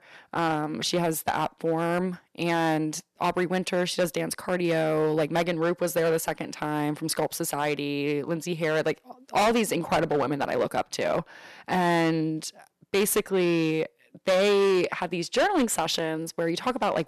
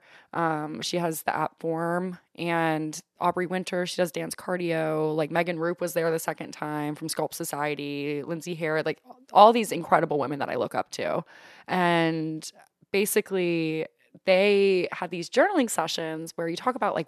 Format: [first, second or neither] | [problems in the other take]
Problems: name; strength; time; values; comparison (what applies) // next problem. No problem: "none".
second | distortion; heavy; 8% of the sound clipped